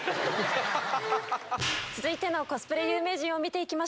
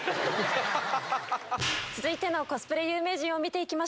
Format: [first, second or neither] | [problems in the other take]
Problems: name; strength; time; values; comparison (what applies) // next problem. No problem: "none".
second | background sound (Bowed string instrument); 9 dB below the speech